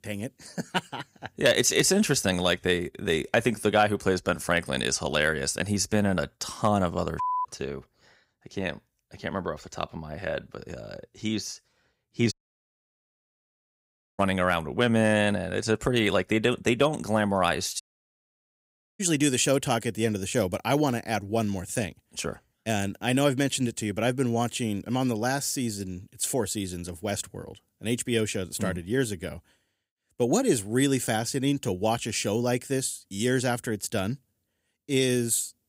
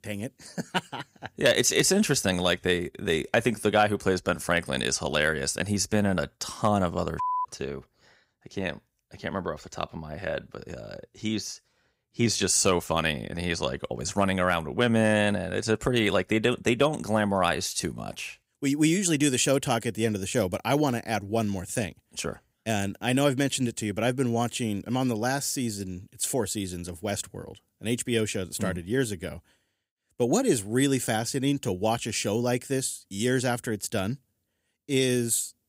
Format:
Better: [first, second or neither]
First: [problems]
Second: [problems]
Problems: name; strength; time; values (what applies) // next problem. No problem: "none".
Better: second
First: audio cutting out; at 12 s for 2 s and at 18 s for 1 s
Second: none